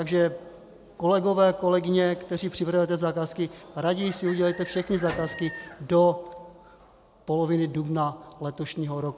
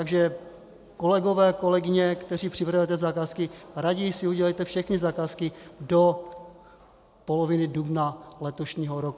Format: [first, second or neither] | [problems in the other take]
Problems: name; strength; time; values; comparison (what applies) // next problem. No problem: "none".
second | background sound (Chicken, rooster + Slam); 17 dB below the speech